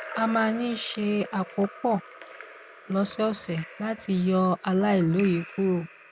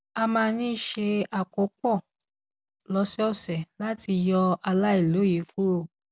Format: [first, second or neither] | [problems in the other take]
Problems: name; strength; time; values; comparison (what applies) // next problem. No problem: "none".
second | background sound (Drip / Trickle, dribble / Splash, splatter); 17 dB below the speech